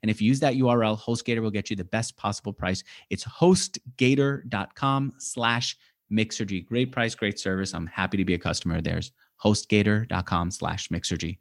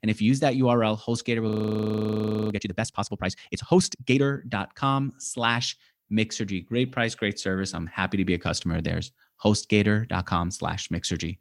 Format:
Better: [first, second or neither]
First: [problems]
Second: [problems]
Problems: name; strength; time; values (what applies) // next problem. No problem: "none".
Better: first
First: none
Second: audio freezing; at 1.5 s for 1 s